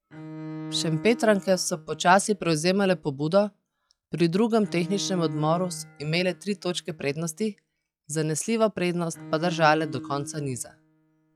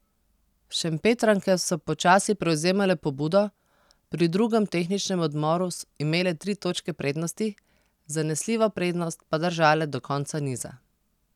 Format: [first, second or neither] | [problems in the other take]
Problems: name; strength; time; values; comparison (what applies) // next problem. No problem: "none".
second | noise reduction (classical method log-MMSE)